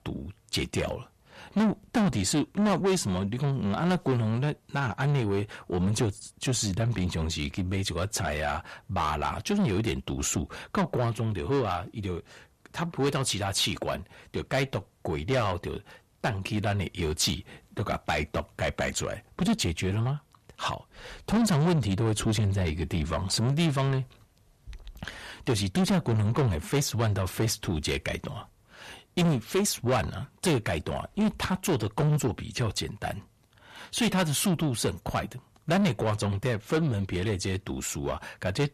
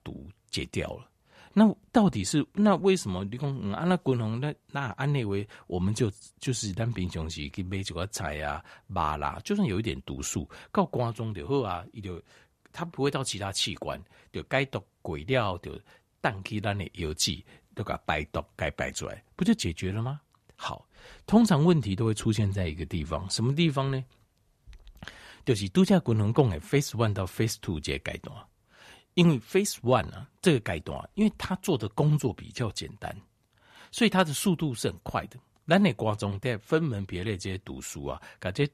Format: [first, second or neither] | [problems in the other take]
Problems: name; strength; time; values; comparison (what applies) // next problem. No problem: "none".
second | distortion; heavy; 7 dB below the speech